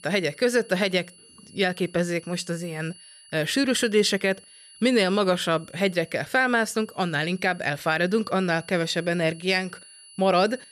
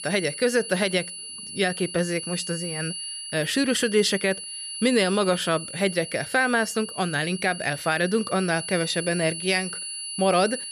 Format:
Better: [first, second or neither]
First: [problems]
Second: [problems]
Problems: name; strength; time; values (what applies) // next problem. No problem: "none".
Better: first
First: high-pitched whine; faint; throughout; 10 kHz, 25 dB below the speech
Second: high-pitched whine; loud; throughout; 10 kHz, 8 dB below the speech